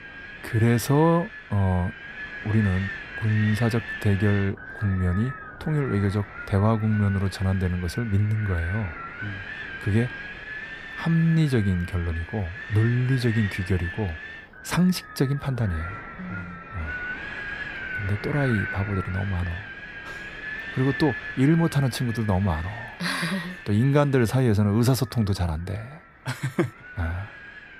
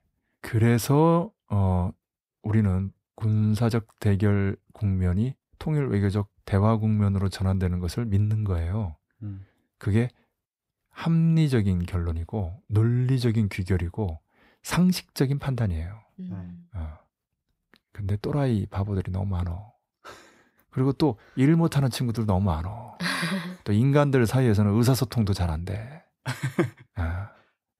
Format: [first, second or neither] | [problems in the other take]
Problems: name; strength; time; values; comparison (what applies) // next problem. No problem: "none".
second | wind noise on the microphone; heavy; 3 dB below the speech